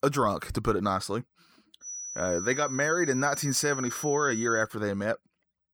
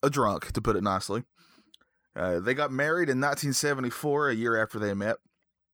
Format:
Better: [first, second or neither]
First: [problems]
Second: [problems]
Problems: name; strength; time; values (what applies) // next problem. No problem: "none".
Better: second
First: high-pitched whine; loud; from 2 to 4.5 s; 6 kHz, 7 dB below the speech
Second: none